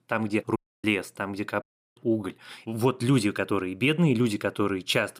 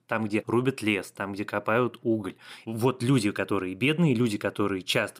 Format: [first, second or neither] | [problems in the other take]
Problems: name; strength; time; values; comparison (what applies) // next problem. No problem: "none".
second | audio cutting out; at 0.5 s and at 1.5 s